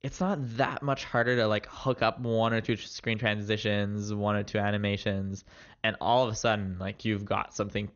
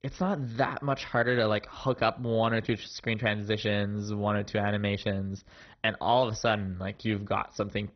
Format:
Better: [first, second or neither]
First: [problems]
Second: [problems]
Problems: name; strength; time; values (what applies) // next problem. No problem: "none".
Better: first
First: garbled, watery; slightly; nothing above 6.5 kHz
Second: garbled, watery; badly; nothing above 6 kHz